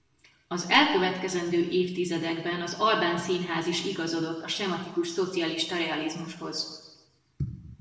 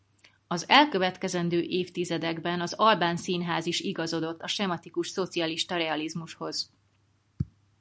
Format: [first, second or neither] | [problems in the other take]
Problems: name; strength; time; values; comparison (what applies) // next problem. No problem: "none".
second | room echo; dies away in 1 s